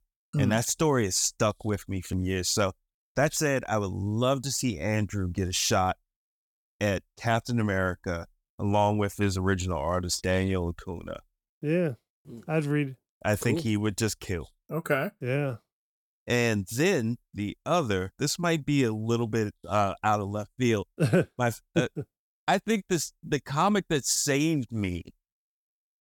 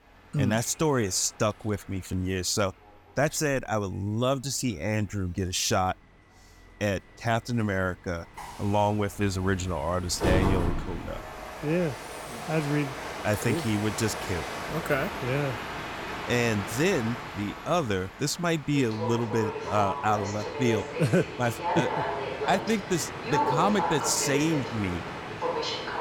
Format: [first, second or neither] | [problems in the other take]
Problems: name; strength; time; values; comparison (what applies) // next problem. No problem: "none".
first | train or aircraft noise; loud; throughout; 5 dB below the speech